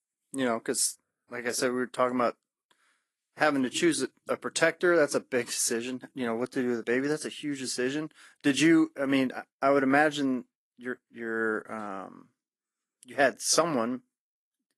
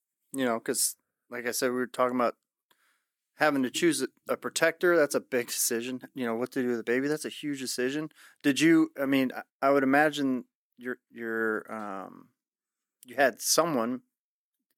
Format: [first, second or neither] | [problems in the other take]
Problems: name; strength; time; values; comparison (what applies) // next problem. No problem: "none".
second | garbled, watery; slightly; nothing above 11.5 kHz